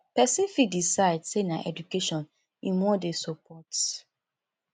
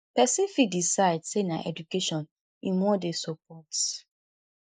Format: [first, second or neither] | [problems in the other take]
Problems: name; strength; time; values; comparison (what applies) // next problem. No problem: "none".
first | noise reduction (neural mask model Resemble Enhance denoiser)